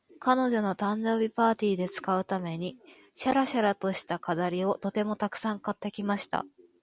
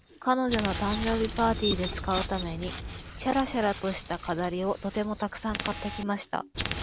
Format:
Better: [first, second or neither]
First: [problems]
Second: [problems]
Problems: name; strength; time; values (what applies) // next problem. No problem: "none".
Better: first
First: none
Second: background sound (Chirp, tweet); 6 dB below the speech